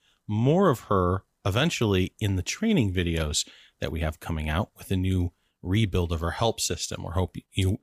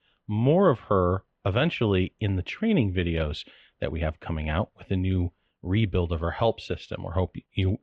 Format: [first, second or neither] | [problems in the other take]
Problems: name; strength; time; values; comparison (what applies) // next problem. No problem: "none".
first | muffled; very; fading above 3 kHz